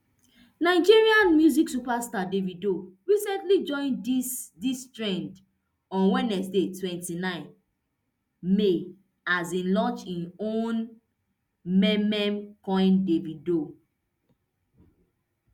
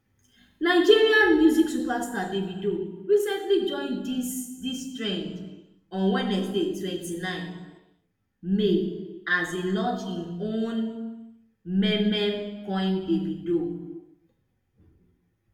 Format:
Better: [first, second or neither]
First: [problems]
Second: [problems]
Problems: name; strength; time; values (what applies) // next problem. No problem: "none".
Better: first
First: none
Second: room echo; dies away in 0.9 s